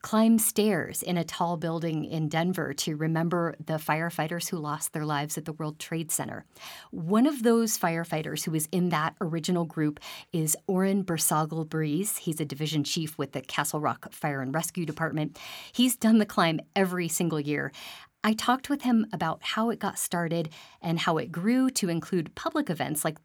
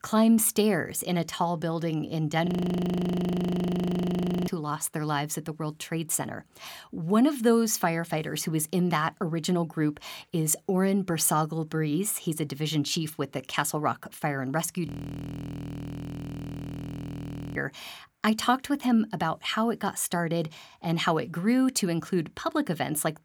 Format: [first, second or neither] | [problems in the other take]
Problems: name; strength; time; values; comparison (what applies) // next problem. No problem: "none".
first | audio freezing; at 2.5 s for 2 s and at 15 s for 2.5 s